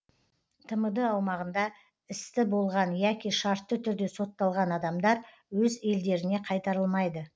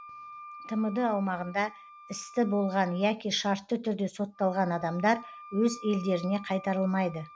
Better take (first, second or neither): first